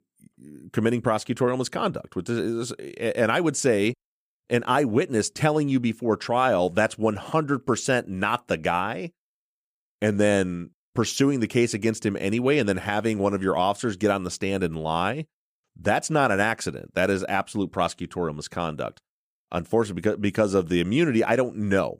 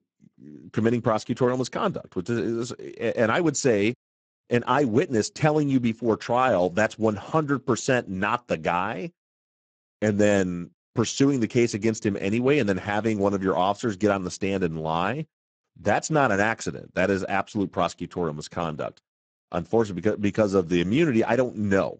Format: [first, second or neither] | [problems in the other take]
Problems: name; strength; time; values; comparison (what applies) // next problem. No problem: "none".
first | garbled, watery; badly; nothing above 7.5 kHz